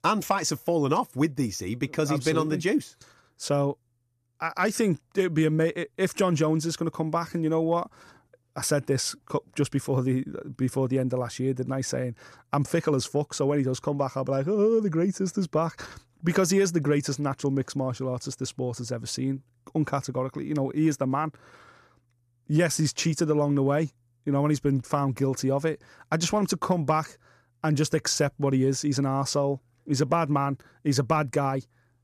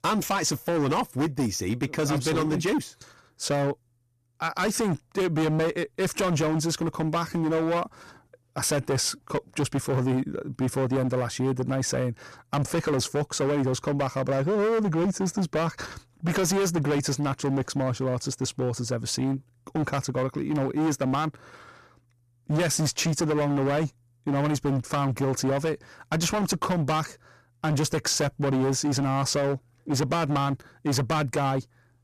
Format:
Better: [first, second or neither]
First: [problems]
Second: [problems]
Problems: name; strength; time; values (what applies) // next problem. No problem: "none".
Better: first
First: none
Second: distortion; heavy; 19% of the sound clipped